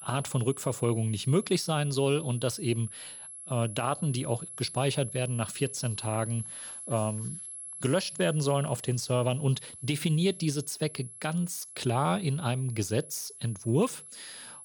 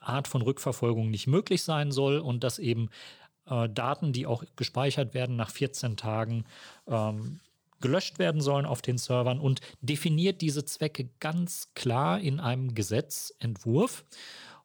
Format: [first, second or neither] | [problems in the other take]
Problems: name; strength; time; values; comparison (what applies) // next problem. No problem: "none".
second | high-pitched whine; noticeable; throughout; 11 kHz, 10 dB below the speech